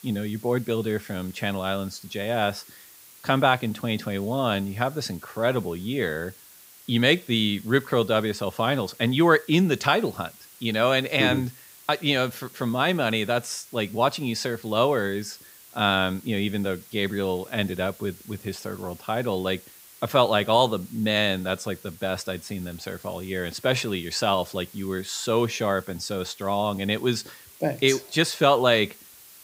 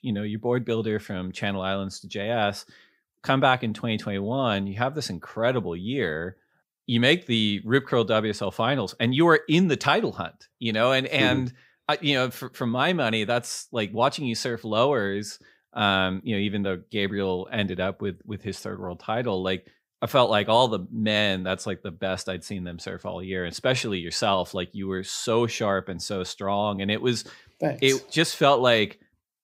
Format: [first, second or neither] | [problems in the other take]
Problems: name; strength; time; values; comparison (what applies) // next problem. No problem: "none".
second | hiss; faint; throughout; 20 dB below the speech